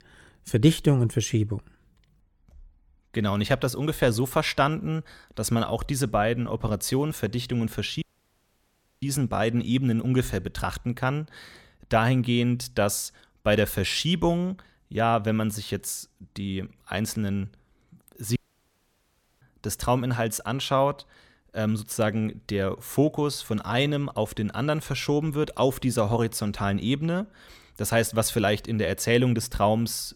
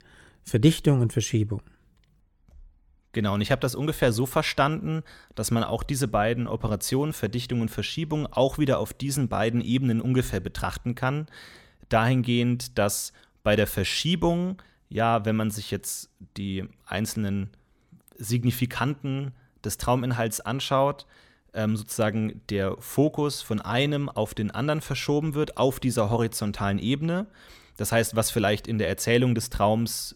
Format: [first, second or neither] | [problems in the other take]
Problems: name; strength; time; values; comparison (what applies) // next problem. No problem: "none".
second | audio cutting out; at 8 s for 1 s and at 18 s for 1 s